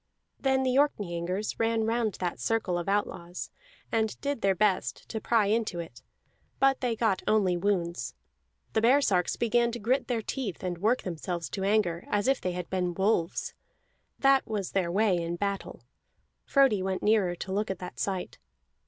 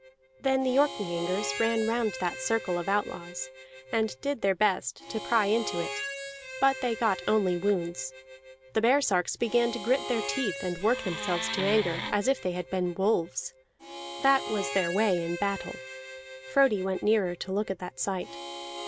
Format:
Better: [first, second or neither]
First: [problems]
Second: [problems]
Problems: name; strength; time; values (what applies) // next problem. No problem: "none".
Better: first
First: none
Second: background sound (Wood + Harmonica); 10 dB below the speech